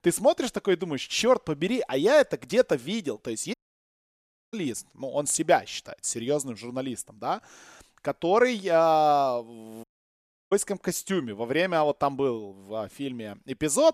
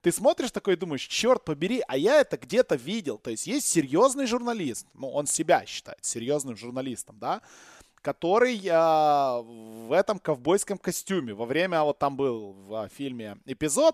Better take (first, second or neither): second